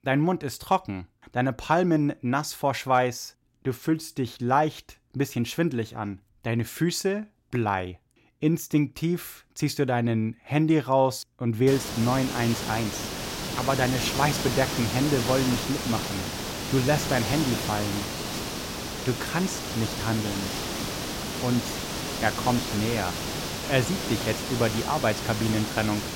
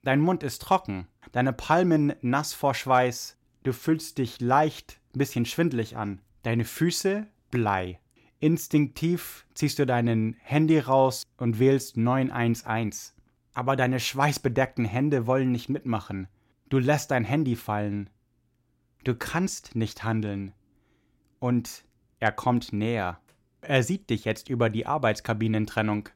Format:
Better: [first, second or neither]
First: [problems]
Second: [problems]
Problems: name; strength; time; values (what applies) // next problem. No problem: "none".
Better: second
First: hiss; loud; from 12 s on; 4 dB below the speech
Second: none